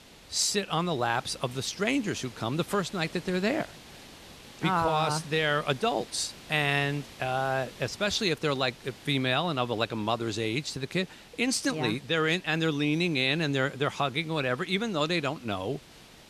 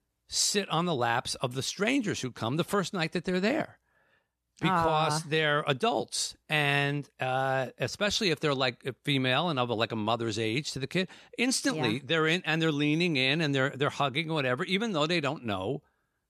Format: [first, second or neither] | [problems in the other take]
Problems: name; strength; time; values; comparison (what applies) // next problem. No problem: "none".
second | hiss; noticeable; throughout; 20 dB below the speech